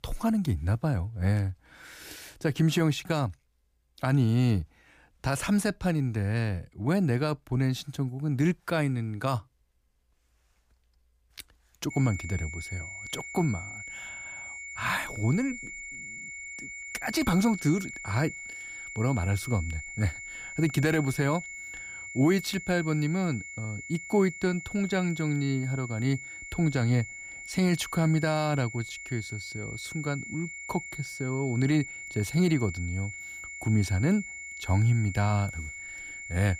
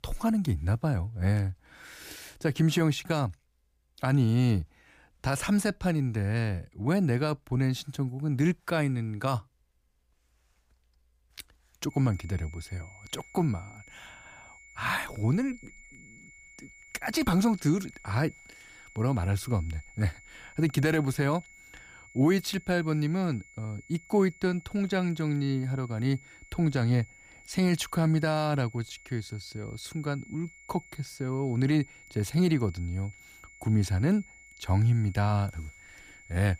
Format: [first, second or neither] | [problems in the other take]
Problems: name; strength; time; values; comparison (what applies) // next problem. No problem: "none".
second | high-pitched whine; loud; from 12 s on; 2 kHz, 10 dB below the speech; faint in the second